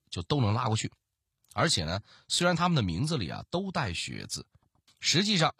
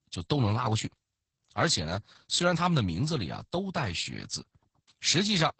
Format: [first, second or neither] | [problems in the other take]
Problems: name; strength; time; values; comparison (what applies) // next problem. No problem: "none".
first | garbled, watery; badly; nothing above 8 kHz